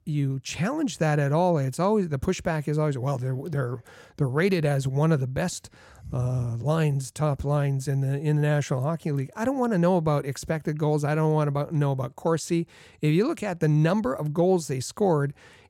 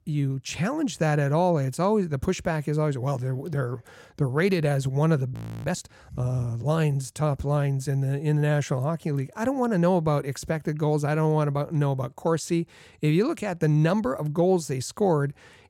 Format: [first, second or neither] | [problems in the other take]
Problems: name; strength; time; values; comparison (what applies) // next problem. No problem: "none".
first | audio freezing; at 5.5 s